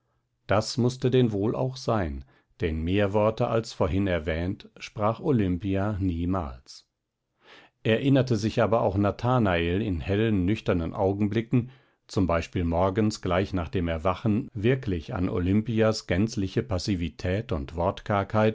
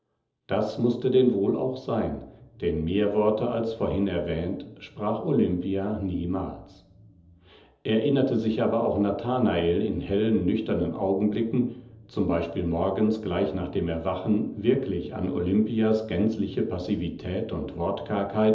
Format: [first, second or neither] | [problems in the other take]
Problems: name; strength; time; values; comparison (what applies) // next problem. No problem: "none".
first | room echo; dies away in 1.2 s